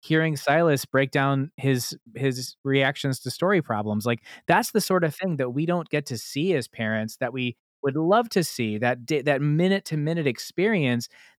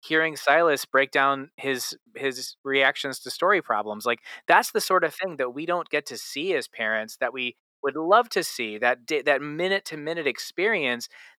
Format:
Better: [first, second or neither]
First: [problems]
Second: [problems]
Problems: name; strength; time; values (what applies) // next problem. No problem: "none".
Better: first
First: none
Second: thin; somewhat; fading below 450 Hz